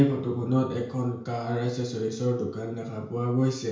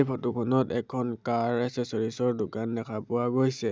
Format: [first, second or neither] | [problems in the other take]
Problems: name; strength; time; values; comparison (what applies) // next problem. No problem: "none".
second | room echo; dies away in 0.5 s